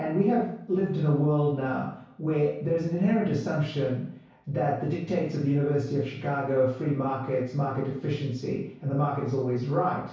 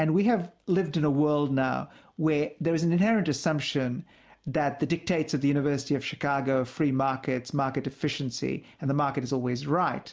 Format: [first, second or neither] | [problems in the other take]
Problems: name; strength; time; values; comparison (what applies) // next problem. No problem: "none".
second | room echo; dies away in 0.6 s